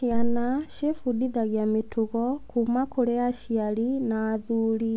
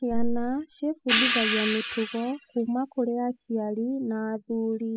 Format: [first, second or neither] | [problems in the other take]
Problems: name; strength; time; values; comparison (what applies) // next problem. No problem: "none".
first | noise reduction (classical method spectral subtraction)